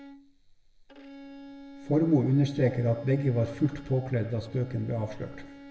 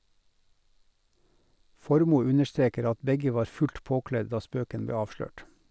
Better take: second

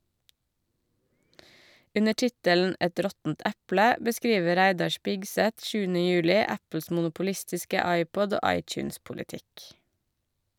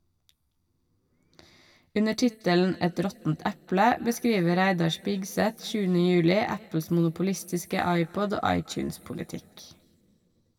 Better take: first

